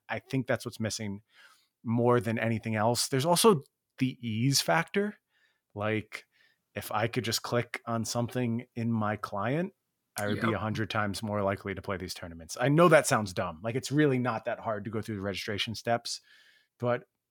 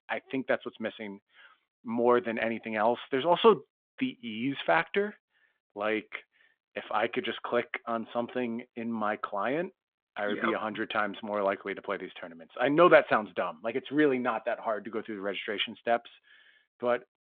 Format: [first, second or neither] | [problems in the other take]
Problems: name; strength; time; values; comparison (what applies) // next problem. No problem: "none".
first | phone-call audio; nothing above 3.5 kHz